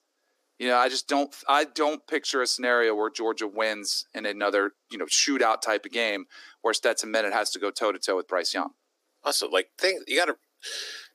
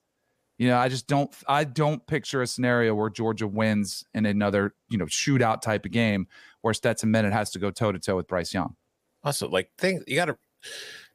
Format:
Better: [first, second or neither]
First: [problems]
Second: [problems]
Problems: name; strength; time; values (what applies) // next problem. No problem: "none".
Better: second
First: thin; somewhat; fading below 300 Hz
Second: none